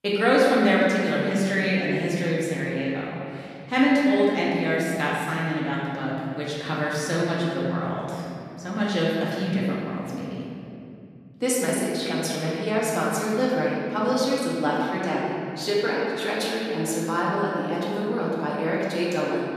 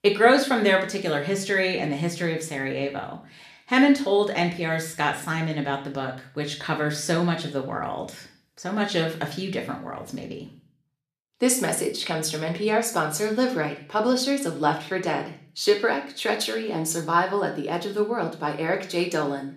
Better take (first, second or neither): second